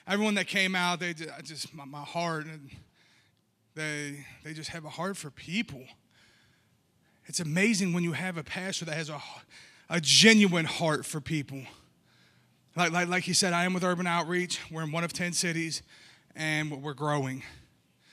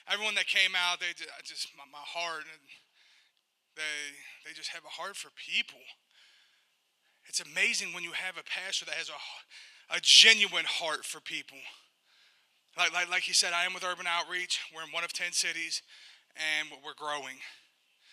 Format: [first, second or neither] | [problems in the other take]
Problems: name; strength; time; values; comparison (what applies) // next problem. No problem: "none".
first | thin; very; fading below 700 Hz